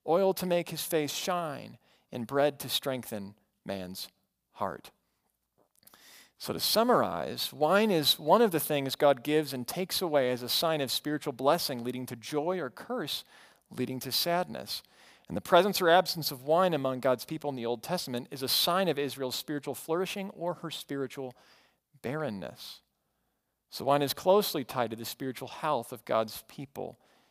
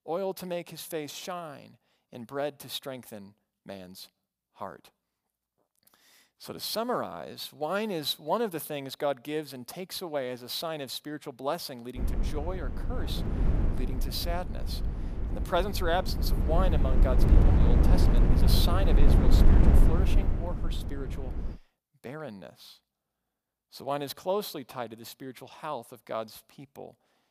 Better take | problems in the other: first | wind noise on the microphone; heavy; from 12 to 22 s; 4 dB below the speech

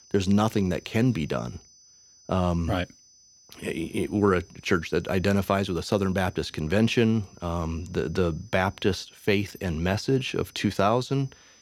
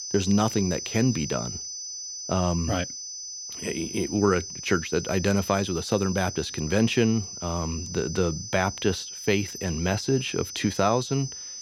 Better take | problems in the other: first | high-pitched whine; loud; throughout; 6 kHz, 8 dB below the speech; faint in the first

